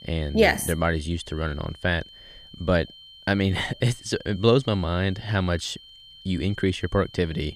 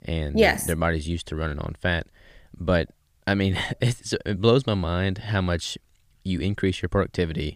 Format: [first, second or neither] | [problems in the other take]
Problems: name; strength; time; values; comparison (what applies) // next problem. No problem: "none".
second | high-pitched whine; faint; throughout; 3 kHz, 20 dB below the speech